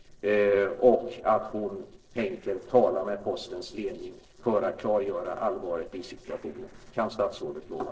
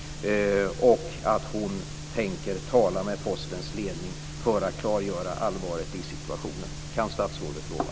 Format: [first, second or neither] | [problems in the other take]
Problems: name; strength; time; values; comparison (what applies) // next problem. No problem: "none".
second | noise reduction (neural separator model SepFormer DNS4)